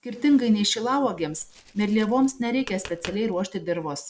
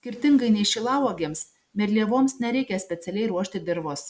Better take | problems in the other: second | background sound (Tap); 19 dB below the speech

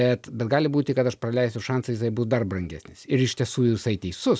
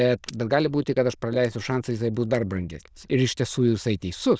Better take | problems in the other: first | noise reduction (neural diffusion model UNIVERSE++)

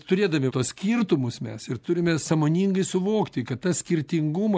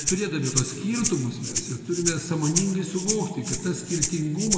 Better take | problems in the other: first | background sound (Rattle (instrument)); 3 dB below the speech // room echo; dies away in 2.4 s

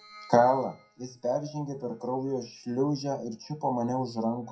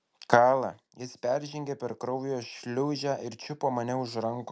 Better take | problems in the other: second | noise reduction (classical method WPE with log-MMSE)

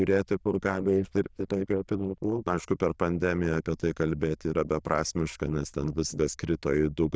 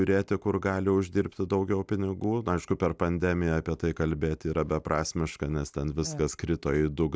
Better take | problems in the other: second | noise reduction (neural diffusion model UNIVERSE++)

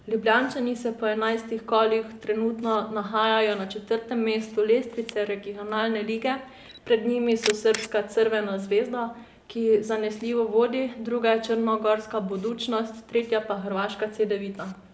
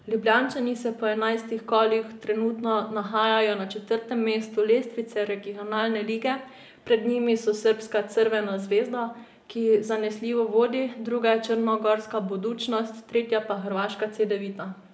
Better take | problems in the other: second | background sound (Camera); 20 dB below the speech

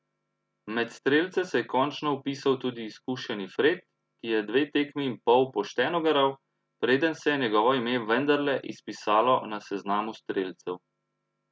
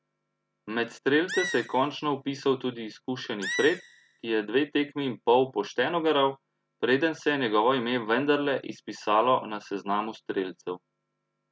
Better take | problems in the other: first | background sound (Animal); 10 dB below the speech

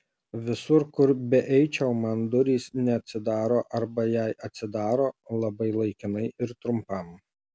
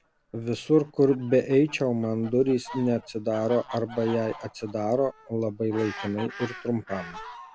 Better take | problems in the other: first | background sound (Fowl); 17 dB below the speech

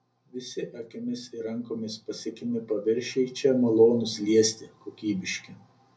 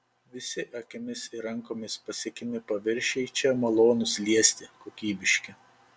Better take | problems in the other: second | room echo; dies away in 0.4 s

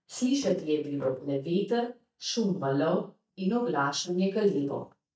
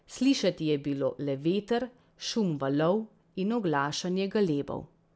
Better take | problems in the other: second | noise reduction (neural mask model DeepFilterNet 3)

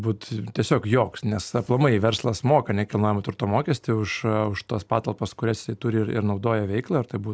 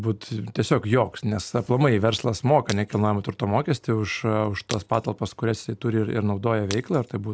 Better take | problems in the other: first | background sound (Shatter); 16 dB below the speech

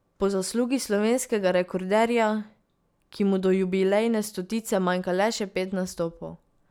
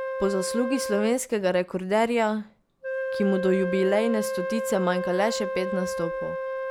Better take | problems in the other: first | background sound (Wind instrument, woodwind instrument); 5 dB below the speech

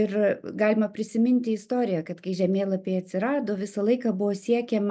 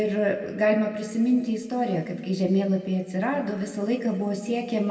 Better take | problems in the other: first | room echo; dies away in 1.9 s

